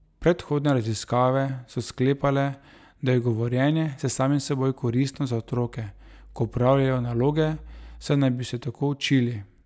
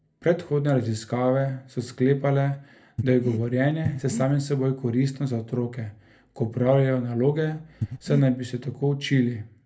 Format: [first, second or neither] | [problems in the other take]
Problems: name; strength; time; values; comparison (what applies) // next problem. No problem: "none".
first | background sound (Breathing); 7 dB below the speech // room echo; dies away in 0.3 s